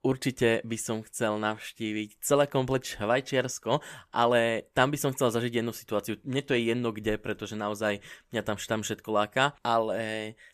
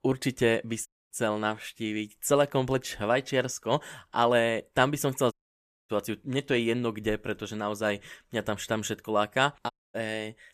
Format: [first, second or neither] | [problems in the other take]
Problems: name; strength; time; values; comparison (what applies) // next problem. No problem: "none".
first | audio cutting out; at 1 s, at 5.5 s for 0.5 s and at 9.5 s